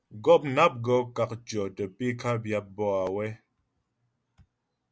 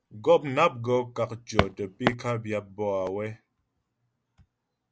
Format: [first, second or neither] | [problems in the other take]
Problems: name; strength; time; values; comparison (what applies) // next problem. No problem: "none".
first | background sound (Walk, footsteps); 2 dB above the speech